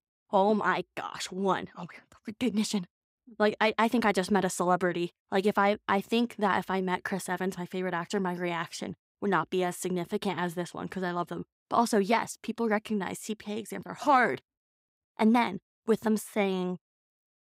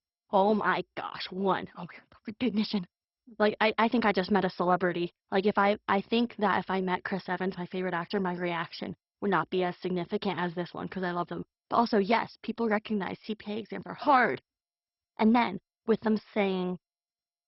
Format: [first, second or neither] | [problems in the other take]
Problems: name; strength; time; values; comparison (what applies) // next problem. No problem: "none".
first | garbled, watery; badly; nothing above 5.5 kHz